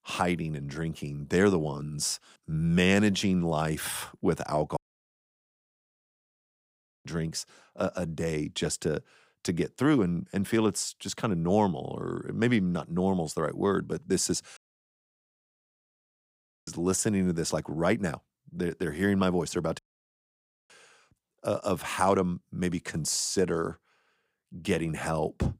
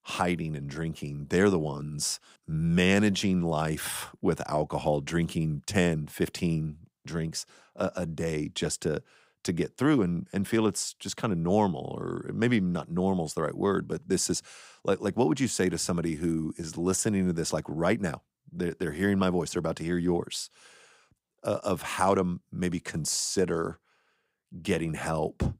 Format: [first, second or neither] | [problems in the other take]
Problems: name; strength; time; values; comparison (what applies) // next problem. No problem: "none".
second | audio cutting out; at 5 s for 2.5 s, at 15 s for 2 s and at 20 s for 1 s